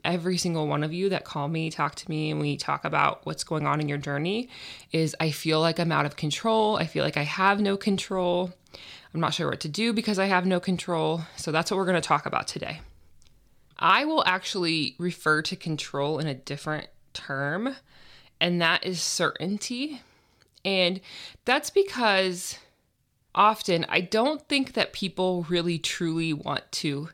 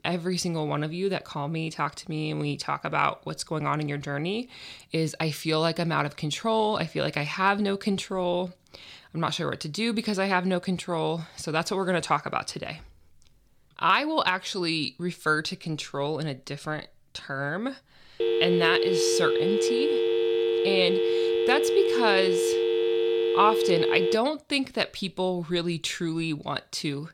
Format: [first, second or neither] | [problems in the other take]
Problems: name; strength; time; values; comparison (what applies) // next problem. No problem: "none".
first | phone ringing; loud; from 18 to 24 s; peak 3 dB above the speech